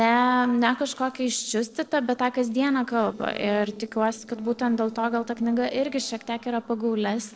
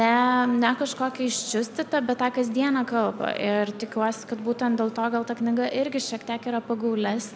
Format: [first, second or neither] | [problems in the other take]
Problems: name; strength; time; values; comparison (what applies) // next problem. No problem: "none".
second | noise reduction (neural separator model SepFormer DNS4)